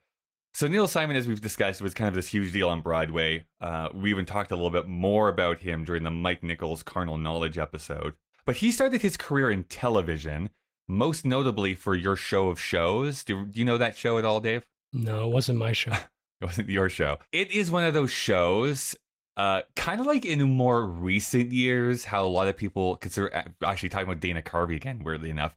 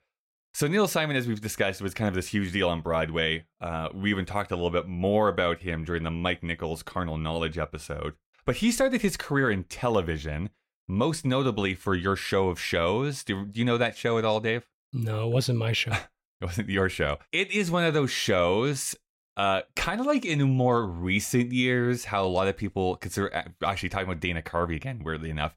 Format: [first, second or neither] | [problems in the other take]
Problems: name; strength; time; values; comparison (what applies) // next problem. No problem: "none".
second | garbled, watery; slightly; nothing above 16 kHz